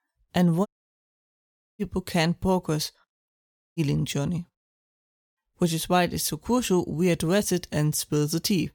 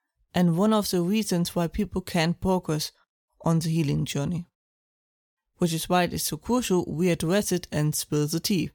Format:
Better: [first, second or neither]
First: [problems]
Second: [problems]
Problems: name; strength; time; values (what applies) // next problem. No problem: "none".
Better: second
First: audio cutting out; at 0.5 s for 1 s and at 3.5 s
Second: none